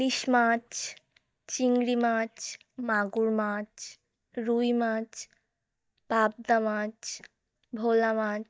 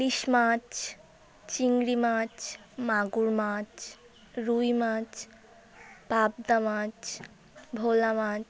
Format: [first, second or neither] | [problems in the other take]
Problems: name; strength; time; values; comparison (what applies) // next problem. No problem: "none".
second | noise reduction (neural mask model DeepFilterNet 3)